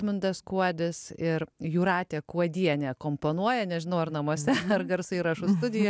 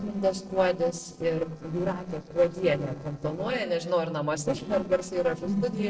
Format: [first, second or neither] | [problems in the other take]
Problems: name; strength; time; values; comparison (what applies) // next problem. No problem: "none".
first | noise reduction (neural separator model SepFormer DNS4)